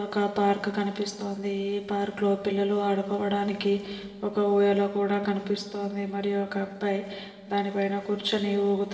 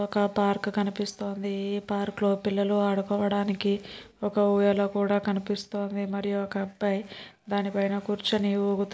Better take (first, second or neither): second